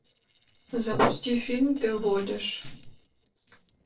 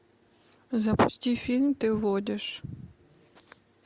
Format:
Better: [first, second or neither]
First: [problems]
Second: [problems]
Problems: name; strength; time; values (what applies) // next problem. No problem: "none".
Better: second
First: noise reduction (neural separator model SepFormer DNS4)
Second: none